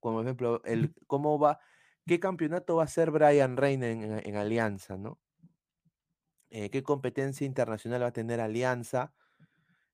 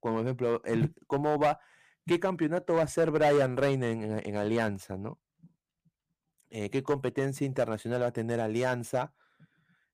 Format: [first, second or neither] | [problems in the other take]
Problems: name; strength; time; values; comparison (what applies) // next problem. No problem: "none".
first | distortion; slight; 4% of the sound clipped